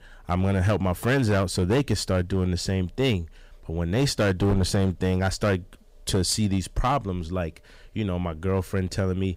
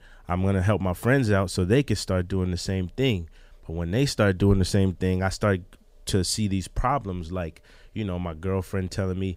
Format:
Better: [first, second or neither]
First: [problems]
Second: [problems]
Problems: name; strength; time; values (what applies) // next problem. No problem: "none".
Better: second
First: distortion; slight; 8% of the sound clipped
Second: none